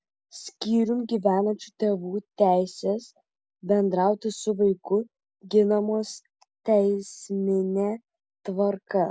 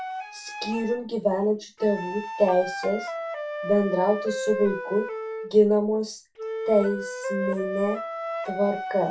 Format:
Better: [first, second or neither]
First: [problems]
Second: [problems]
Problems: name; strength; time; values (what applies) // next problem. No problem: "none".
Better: first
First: none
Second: background sound (Wind instrument, woodwind instrument); 7 dB below the speech // room echo; dies away in 0.3 s